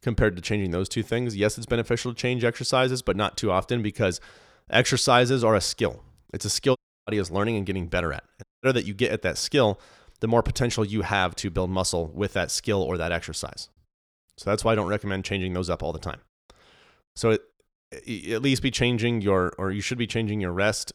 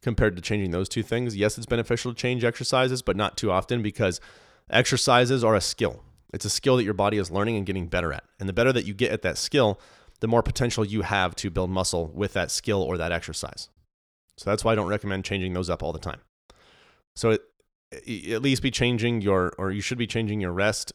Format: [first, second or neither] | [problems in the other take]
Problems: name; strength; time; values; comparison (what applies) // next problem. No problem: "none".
second | audio cutting out; at 7 s and at 8.5 s